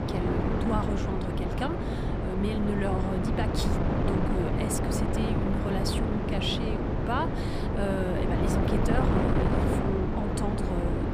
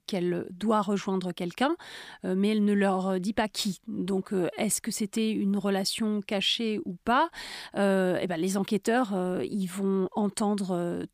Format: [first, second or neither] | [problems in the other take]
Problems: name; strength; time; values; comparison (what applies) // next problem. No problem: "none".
second | wind noise on the microphone; heavy; 2 dB above the speech